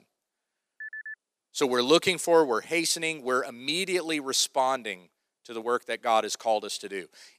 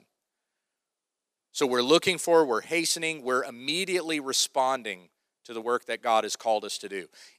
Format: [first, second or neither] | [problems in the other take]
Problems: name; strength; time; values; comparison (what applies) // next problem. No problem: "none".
second | phone ringing; faint; at 1 s; peak 10 dB below the speech